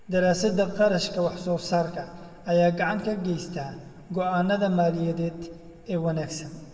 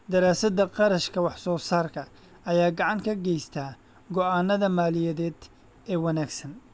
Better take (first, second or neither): second